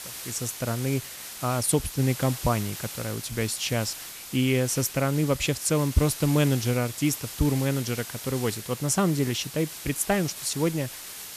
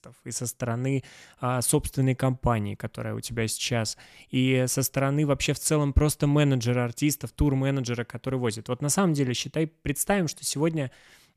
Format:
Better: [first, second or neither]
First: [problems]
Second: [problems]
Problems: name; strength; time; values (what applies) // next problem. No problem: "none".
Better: second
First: hiss; loud; throughout; 10 dB below the speech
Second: none